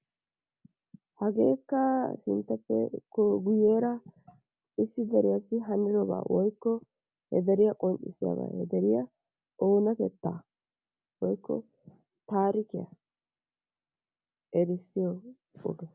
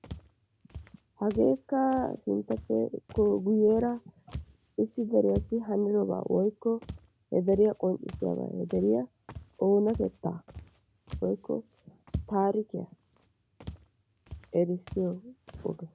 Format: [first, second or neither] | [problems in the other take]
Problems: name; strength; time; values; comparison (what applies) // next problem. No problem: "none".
first | background sound (Walk, footsteps); 16 dB below the speech